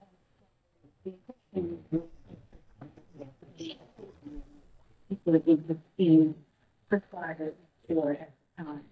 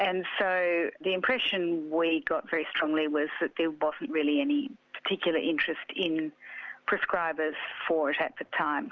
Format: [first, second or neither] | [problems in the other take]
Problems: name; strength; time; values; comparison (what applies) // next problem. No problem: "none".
second | noise reduction (neural mask model DeepFilterNet 3)